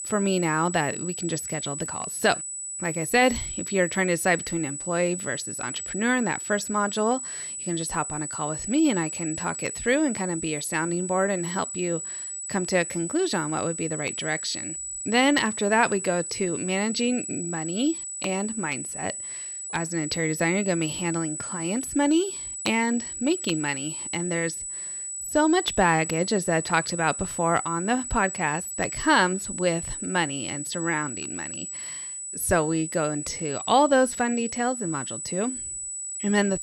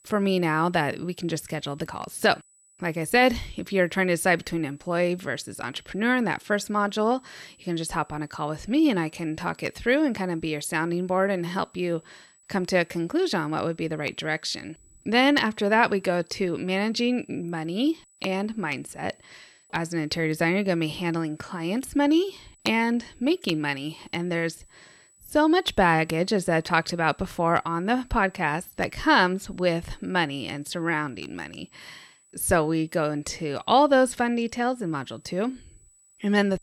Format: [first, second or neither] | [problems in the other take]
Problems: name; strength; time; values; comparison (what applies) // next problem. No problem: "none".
second | high-pitched whine; loud; throughout; 8 kHz, 5 dB below the speech; faint in the second